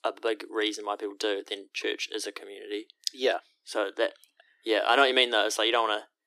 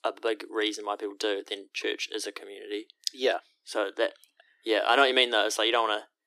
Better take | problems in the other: neither | thin; very; fading below 300 Hz; the same in both

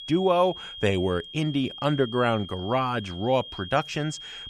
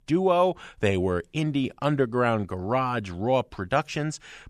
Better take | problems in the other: second | high-pitched whine; noticeable; throughout; 3 kHz, 10 dB below the speech

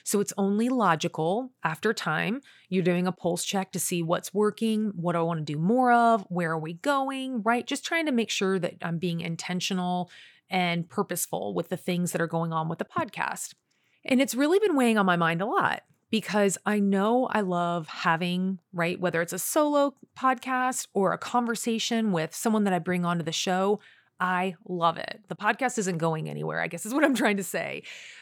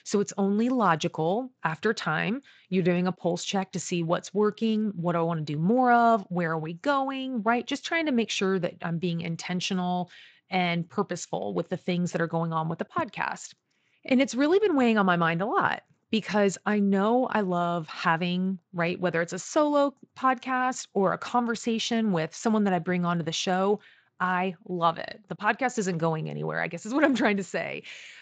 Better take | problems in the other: first | garbled, watery; slightly; nothing above 7.5 kHz

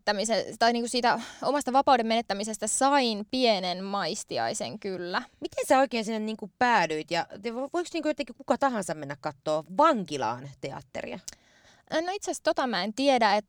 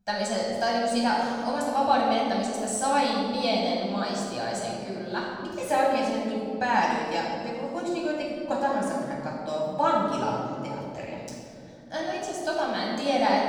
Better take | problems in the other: first | off-mic speech; far // room echo; strong; dies away in 2.6 s

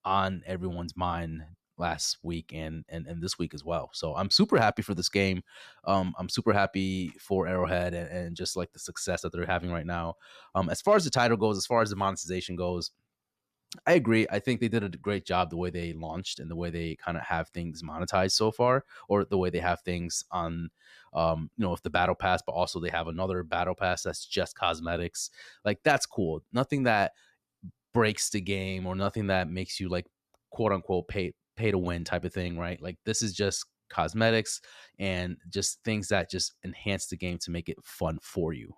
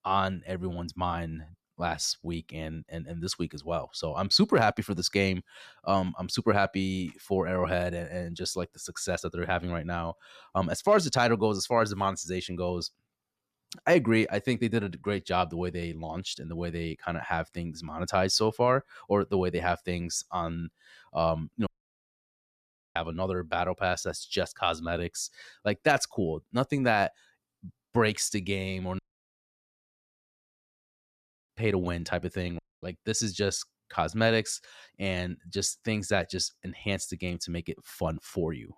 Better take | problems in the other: first | audio cutting out; at 22 s for 1.5 s, at 29 s for 2.5 s and at 33 s

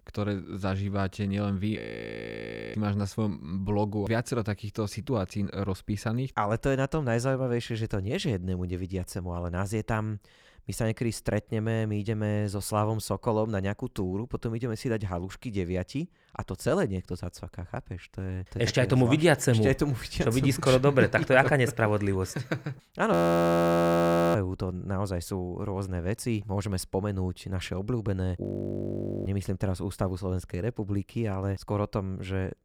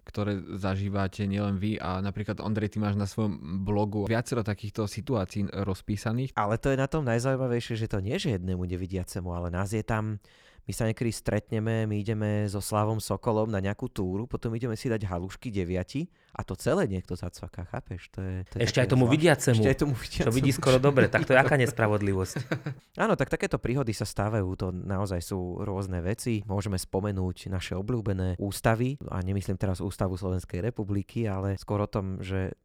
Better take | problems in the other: second | audio freezing; at 2 s for 1 s, at 23 s for 1 s and at 28 s for 1 s

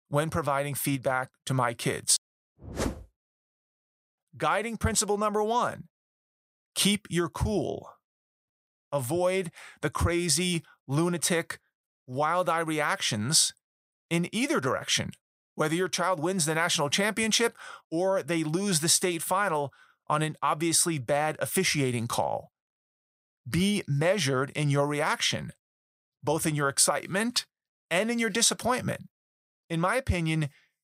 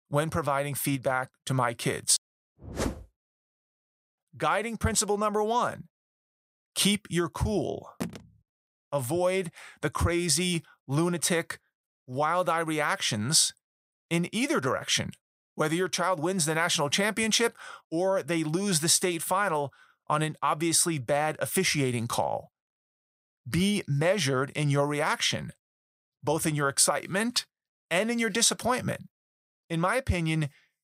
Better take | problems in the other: first | phone ringing; faint; at 8 s; peak 10 dB below the speech

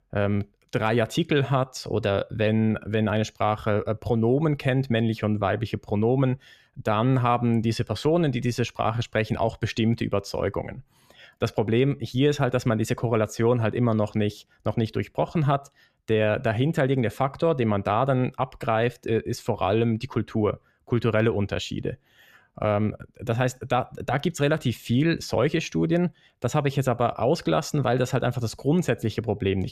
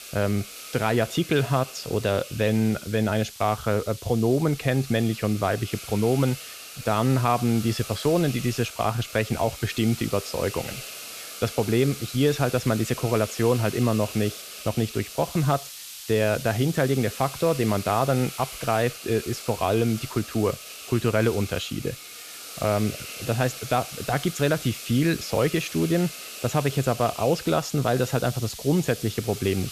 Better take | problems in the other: first | hiss; noticeable; throughout; 10 dB below the speech

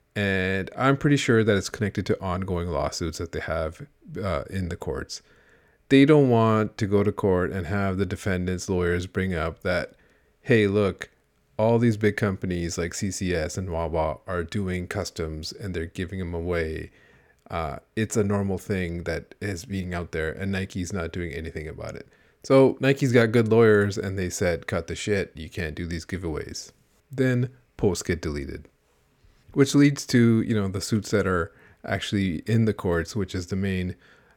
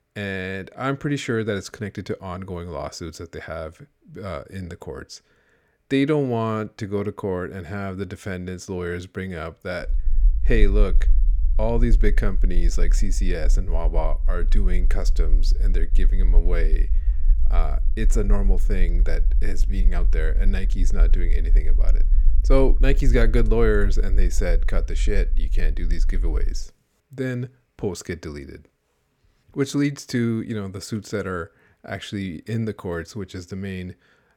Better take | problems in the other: first | low rumble; noticeable; from 10 to 27 s; 20 dB below the speech

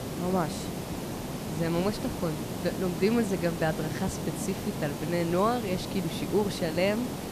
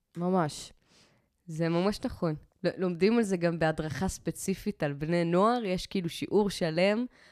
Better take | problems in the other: second | hiss; loud; throughout; 5 dB below the speech

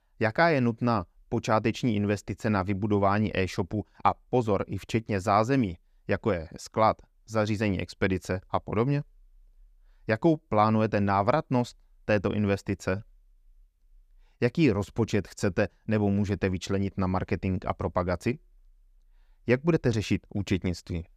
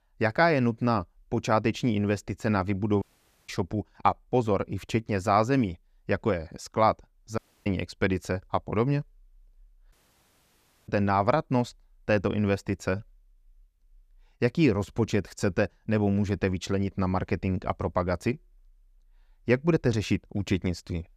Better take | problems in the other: first | audio cutting out; at 3 s, at 7.5 s and at 10 s for 1 s

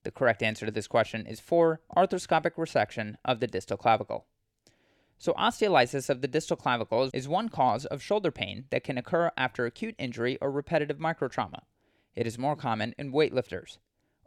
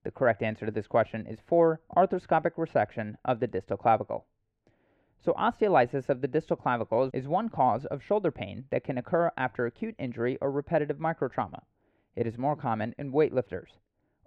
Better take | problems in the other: first | muffled; very; fading above 3.5 kHz

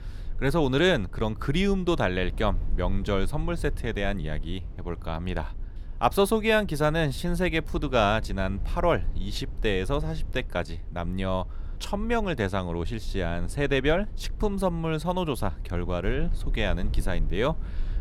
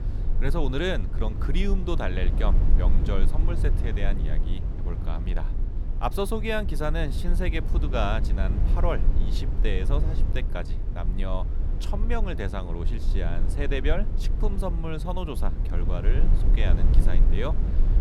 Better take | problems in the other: first | low rumble; loud; throughout; 9 dB below the speech; faint in the first

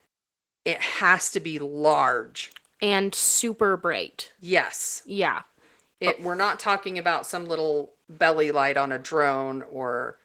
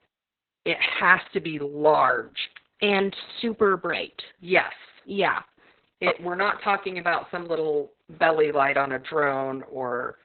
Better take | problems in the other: first | garbled, watery; badly; nothing above 4 kHz; slightly in the first

